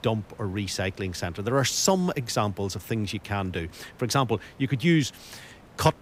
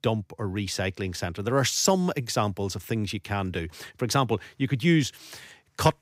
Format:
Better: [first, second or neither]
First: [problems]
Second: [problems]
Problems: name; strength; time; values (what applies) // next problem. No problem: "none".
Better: second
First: hiss; faint; throughout; 25 dB below the speech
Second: none